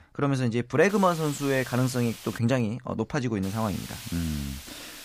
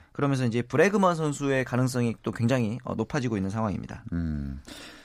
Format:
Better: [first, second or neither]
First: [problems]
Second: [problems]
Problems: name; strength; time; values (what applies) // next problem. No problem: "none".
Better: second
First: hiss; noticeable; from 1 to 2.5 s and from 3.5 s on; 15 dB below the speech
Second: none